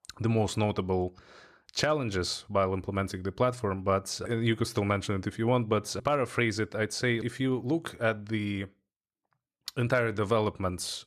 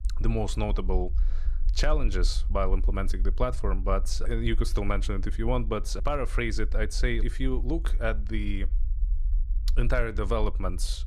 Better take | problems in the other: first | low rumble; faint; throughout; 25 dB below the speech

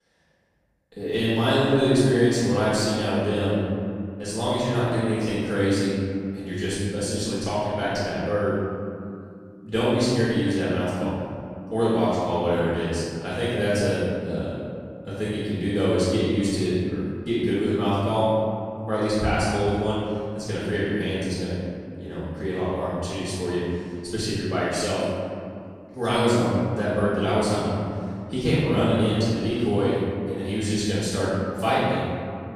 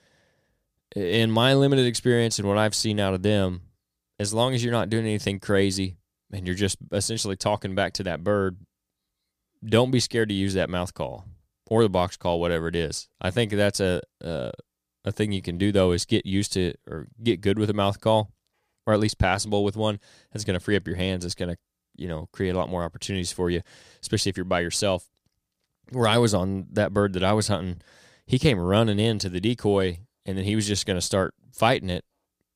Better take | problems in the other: second | room echo; strong; dies away in 2.3 s // off-mic speech; far

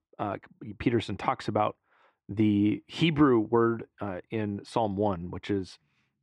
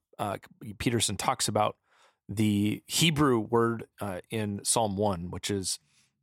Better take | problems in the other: second | muffled; very; fading above 2 kHz

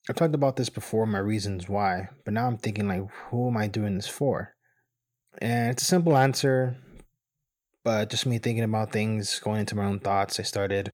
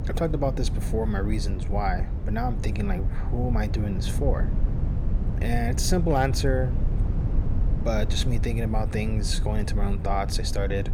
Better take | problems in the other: first | low rumble; noticeable; throughout; 10 dB below the speech

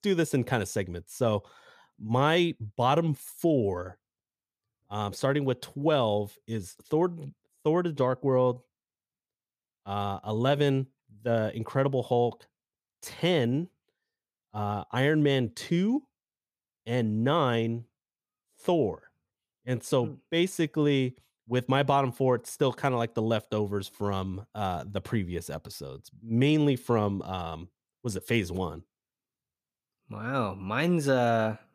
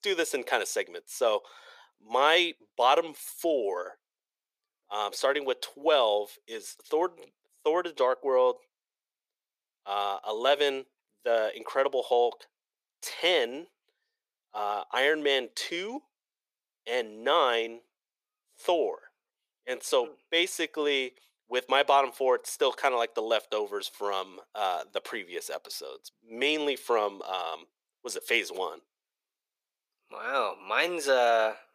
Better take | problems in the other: first | thin; very; fading below 450 Hz

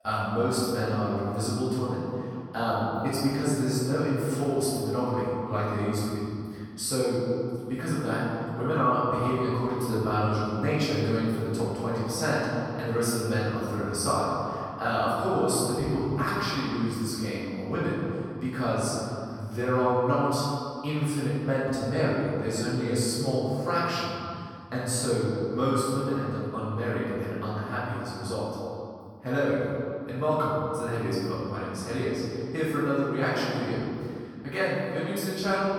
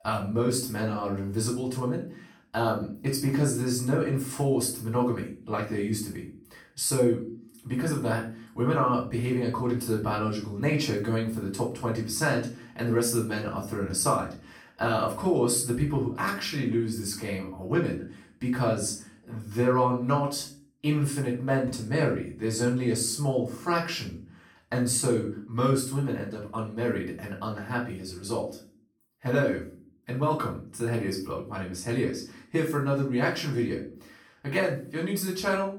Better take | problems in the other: second | room echo; strong; dies away in 2.3 s; slight in the second // off-mic speech; far; far in the second

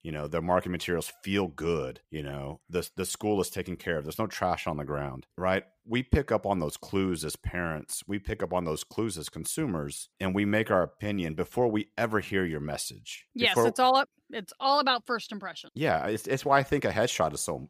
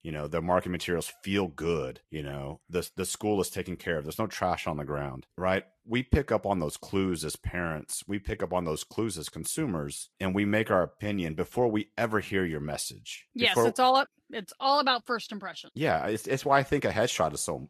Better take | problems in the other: first | garbled, watery; slightly; nothing above 12.5 kHz

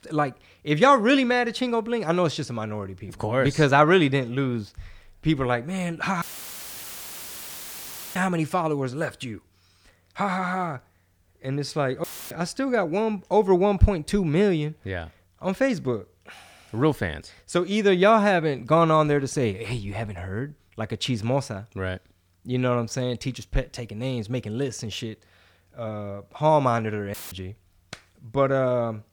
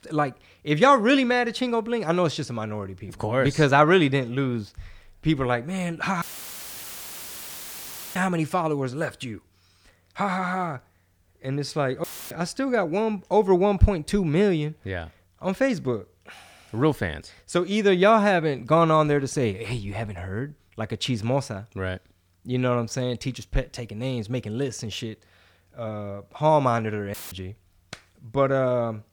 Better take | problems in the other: neither | audio cutting out; filled with static; at 6 s for 2 s, at 12 s and at 27 s; the same in both

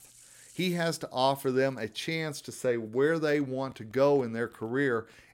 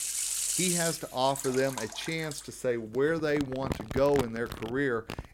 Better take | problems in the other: first | household noises; loud; throughout; 3 dB below the speech; faint in the first

